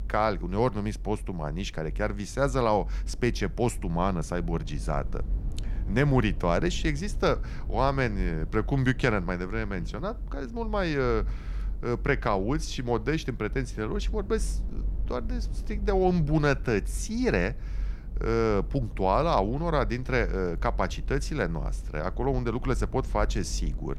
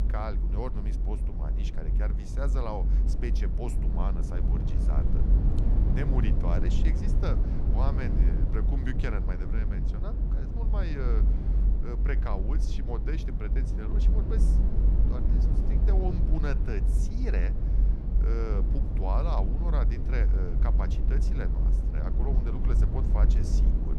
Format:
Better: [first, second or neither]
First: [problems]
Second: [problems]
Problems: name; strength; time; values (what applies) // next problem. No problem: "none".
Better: first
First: low rumble; faint; throughout; 25 dB below the speech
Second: low rumble; loud; throughout; 3 dB below the speech